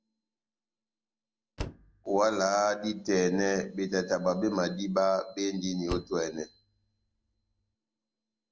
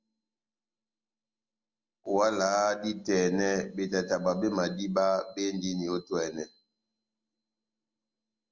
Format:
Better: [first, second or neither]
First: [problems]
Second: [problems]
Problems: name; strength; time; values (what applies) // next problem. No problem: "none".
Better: second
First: background sound (Slam); 14 dB below the speech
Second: none